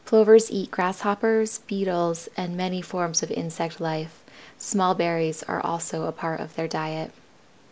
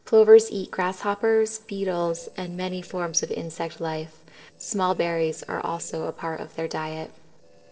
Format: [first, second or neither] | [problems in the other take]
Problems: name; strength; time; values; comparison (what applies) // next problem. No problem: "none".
first | noise reduction (neural separator model SepFormer DNS4)